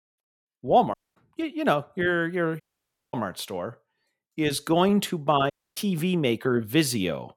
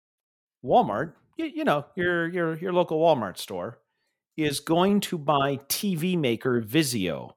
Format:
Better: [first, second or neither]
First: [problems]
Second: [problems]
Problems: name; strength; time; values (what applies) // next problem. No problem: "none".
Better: second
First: audio cutting out; at 1 s, at 2.5 s for 0.5 s and at 5.5 s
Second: none